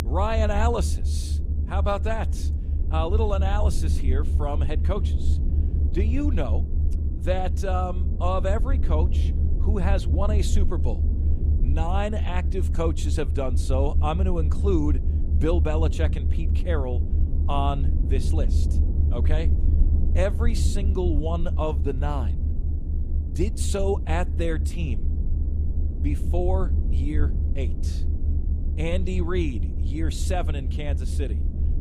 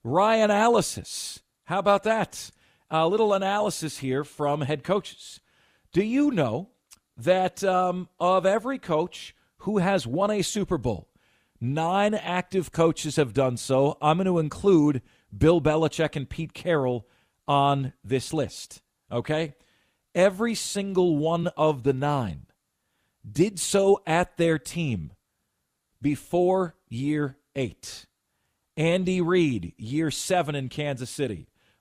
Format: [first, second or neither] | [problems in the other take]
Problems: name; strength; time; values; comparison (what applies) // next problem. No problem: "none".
second | low rumble; noticeable; throughout; 10 dB below the speech